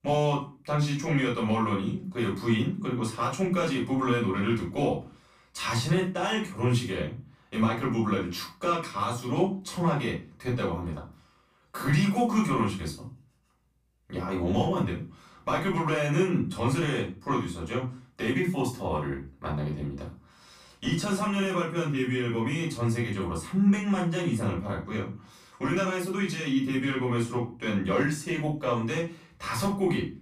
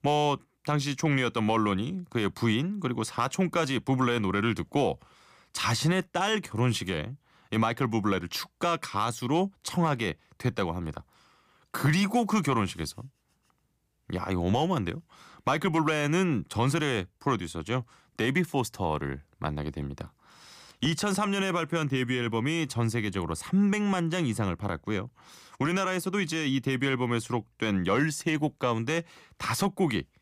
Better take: second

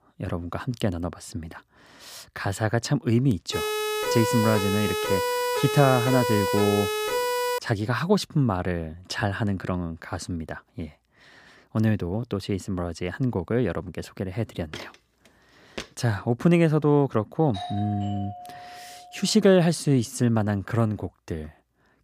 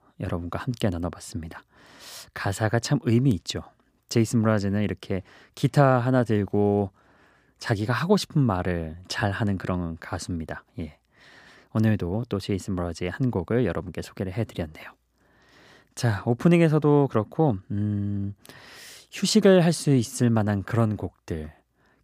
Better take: second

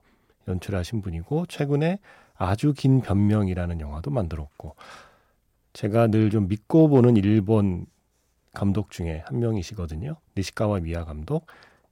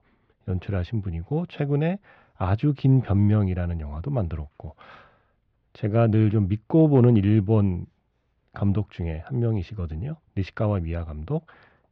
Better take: first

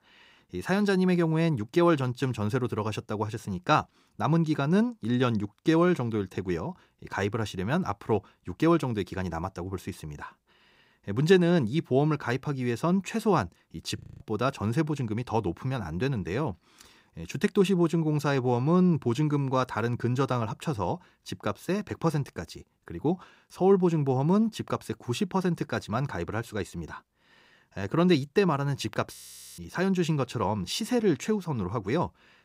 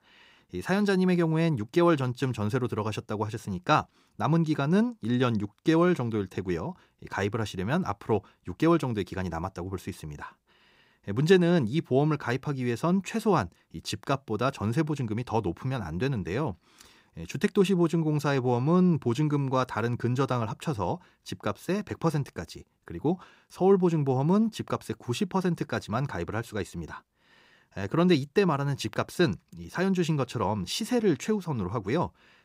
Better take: second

